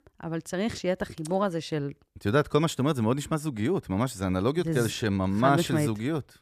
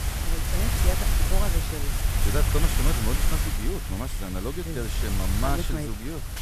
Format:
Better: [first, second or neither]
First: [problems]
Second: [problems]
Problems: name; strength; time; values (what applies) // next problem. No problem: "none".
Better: first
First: none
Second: wind noise on the microphone; heavy; 2 dB above the speech